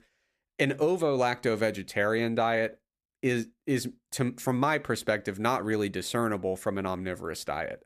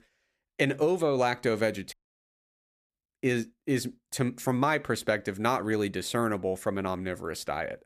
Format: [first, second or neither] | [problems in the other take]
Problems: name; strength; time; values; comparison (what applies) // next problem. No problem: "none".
first | audio cutting out; at 2 s for 1 s